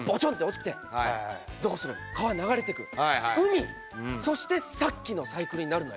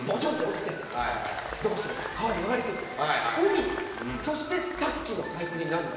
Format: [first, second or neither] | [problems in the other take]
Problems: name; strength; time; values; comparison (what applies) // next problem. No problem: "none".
first | background sound (Applause / Crowd / Cheering); 12 dB below the speech // room echo; dies away in 1.2 s